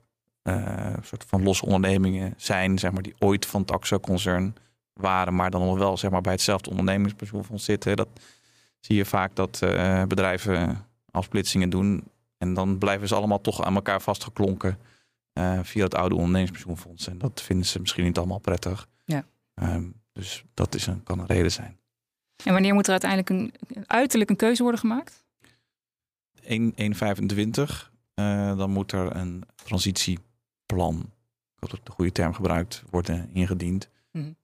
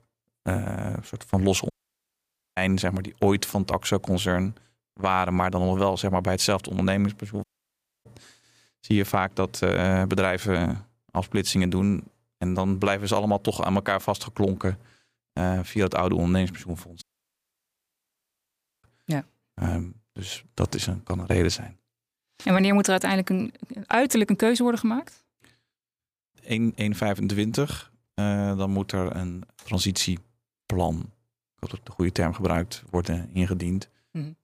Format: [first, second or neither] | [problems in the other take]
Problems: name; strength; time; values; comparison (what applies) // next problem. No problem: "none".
first | audio cutting out; at 1.5 s for 1 s, at 7.5 s for 0.5 s and at 17 s for 2 s